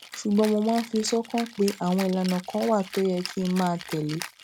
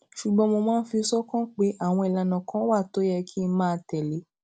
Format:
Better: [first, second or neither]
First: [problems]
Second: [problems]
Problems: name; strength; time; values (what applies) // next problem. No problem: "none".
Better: second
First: background sound (Rattle (instrument)); 15 dB below the speech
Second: none